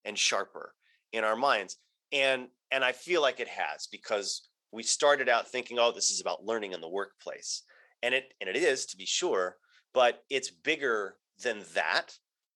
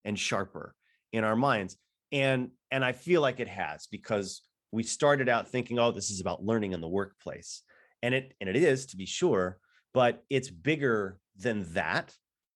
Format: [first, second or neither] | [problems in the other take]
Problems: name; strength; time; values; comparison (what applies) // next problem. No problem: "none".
second | thin; somewhat; fading below 550 Hz